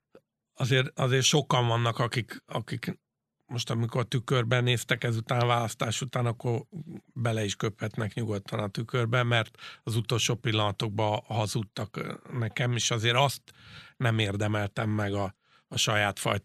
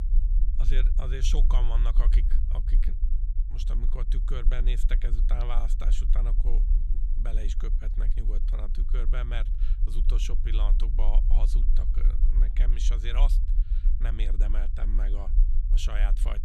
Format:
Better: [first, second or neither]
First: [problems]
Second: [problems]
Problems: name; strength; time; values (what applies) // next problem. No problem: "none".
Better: first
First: none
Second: low rumble; loud; throughout; 10 dB below the speech